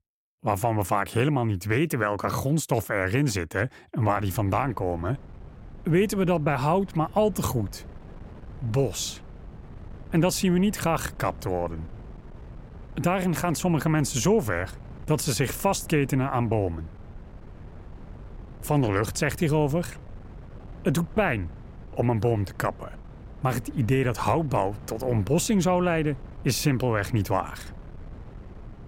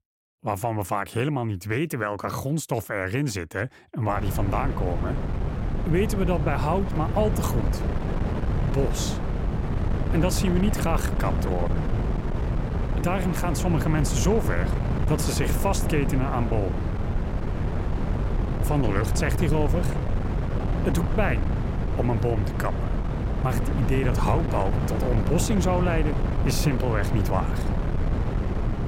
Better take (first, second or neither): first